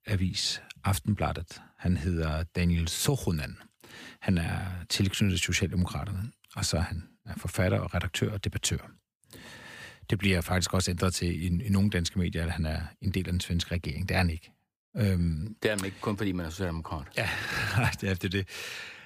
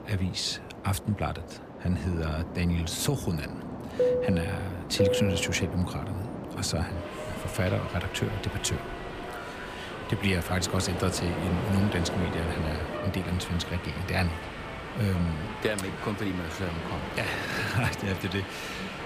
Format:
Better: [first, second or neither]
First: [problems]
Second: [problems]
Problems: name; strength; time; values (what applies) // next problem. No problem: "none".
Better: first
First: none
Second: train or aircraft noise; loud; throughout; 4 dB below the speech